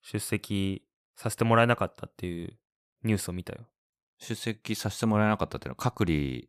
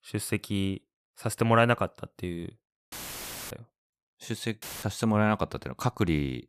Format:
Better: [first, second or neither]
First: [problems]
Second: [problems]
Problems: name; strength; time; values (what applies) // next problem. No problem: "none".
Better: first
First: none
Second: audio cutting out; filled with static; at 3 s for 0.5 s and at 4.5 s